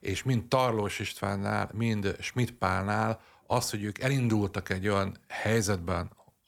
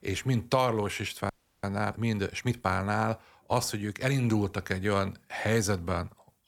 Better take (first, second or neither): first